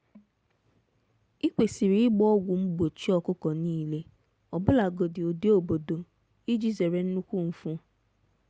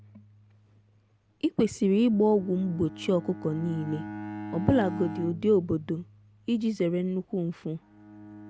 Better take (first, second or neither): first